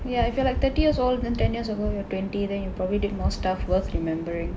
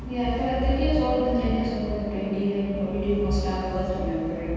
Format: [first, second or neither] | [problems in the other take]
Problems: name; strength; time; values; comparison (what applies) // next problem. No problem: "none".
first | room echo; dies away in 2.1 s